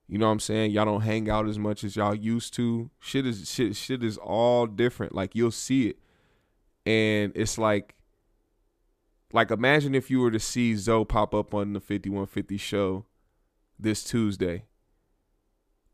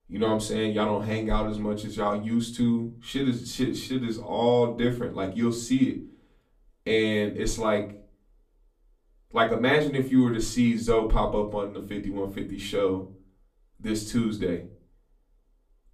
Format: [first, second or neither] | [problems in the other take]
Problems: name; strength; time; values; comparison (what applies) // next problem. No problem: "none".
first | off-mic speech; far // room echo; very slight; dies away in 0.3 s